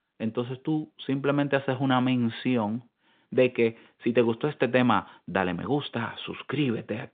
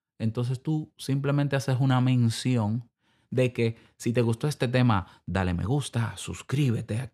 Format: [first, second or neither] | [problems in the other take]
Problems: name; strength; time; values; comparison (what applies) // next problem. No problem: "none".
second | phone-call audio; nothing above 3.5 kHz